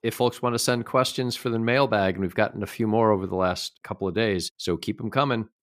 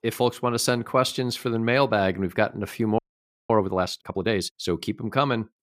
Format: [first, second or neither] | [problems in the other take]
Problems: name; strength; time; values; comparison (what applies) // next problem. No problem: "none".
first | audio freezing; at 3 s for 0.5 s